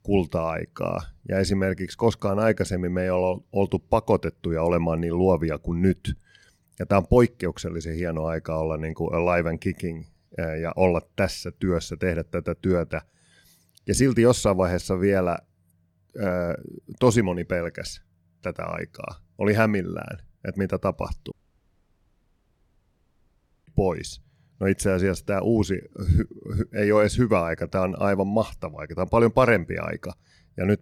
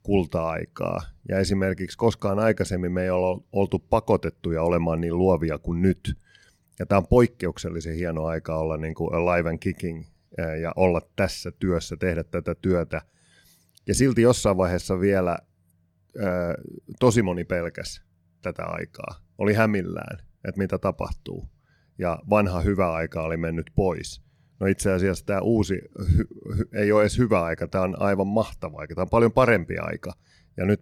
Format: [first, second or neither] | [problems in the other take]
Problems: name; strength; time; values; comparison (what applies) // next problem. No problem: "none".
second | audio cutting out; at 21 s for 2.5 s